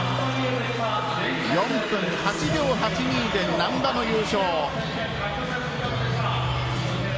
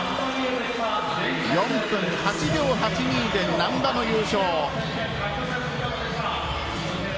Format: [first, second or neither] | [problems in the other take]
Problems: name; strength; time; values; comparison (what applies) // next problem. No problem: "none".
second | background sound (Guitar); 9 dB below the speech